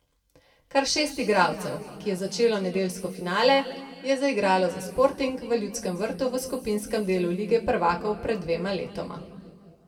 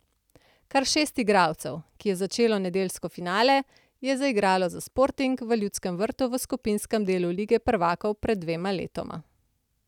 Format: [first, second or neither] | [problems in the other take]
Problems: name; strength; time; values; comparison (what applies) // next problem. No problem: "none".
second | room echo; dies away in 2.1 s